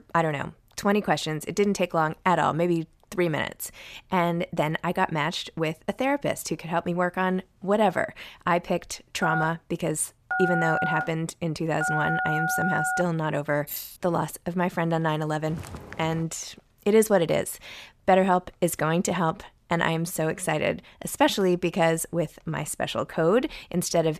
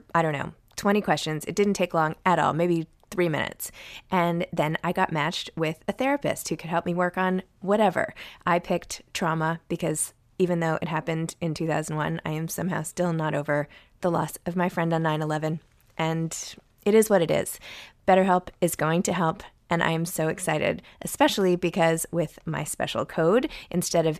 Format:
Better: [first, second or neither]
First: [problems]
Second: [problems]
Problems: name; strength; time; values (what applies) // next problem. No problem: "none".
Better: second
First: phone ringing; loud; from 9 to 13 s; peak level with the speech // jangling keys; noticeable; at 14 s; peak 8 dB below the speech // footsteps; faint; at 15 s; peak 15 dB below the speech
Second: none